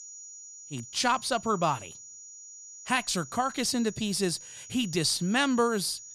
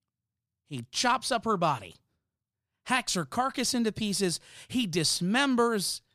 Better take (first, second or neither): second